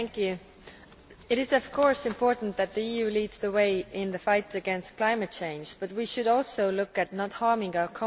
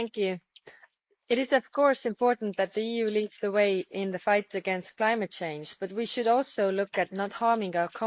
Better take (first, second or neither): first